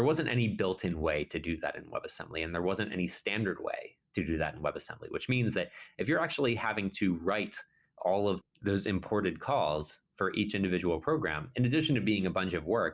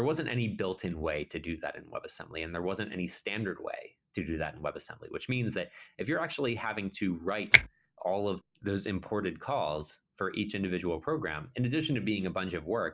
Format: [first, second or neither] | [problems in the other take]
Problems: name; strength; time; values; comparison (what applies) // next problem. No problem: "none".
first | background sound (Finger snapping); 3 dB above the speech